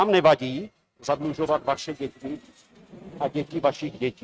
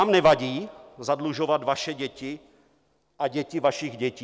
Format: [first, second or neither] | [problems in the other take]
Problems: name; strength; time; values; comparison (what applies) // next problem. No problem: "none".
second | noise reduction (neural mask model RNNoise)